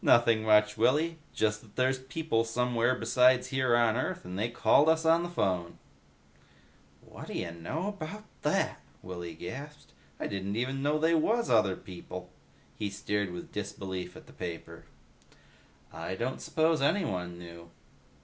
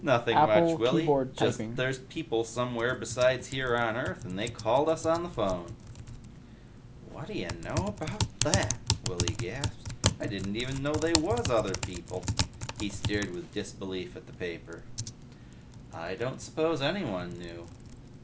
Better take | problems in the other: first | background sound (Typing); 2 dB below the speech

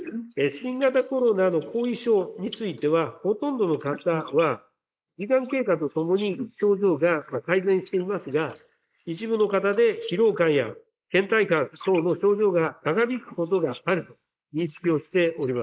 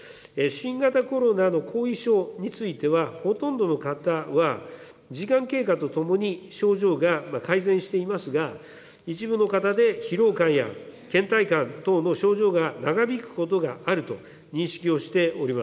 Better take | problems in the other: second | noise reduction (neural mask model Resemble Enhance denoiser)

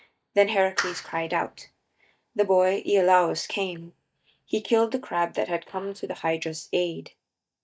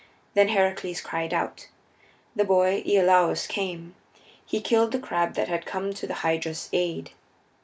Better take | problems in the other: second | noise reduction (neural mask model DeepFilterNet 3)

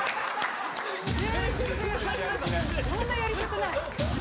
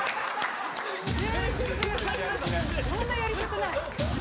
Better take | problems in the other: first | background sound (Coin (dropping)); 17 dB below the speech

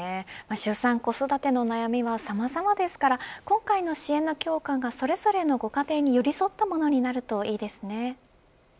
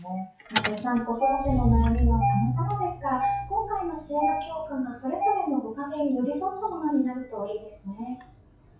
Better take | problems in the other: first | noise reduction (classical method WPE with log-MMSE)

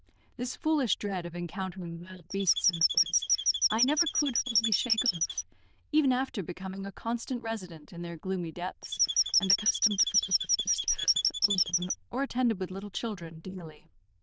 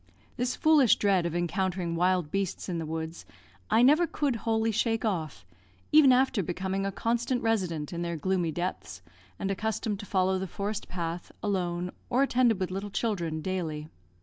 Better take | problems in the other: second | noise reduction (neural diffusion model UNIVERSE++)

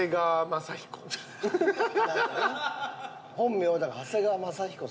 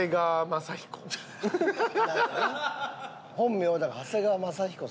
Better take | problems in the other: second | room echo; dies away in 0.7 s

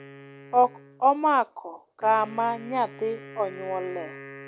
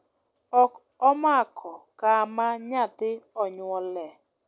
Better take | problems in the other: second | background sound (Wind instrument, woodwind instrument); 18 dB below the speech

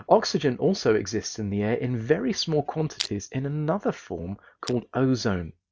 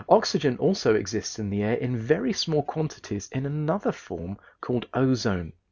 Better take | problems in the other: second | noise reduction (neural mask model DeepFilterNet 3)

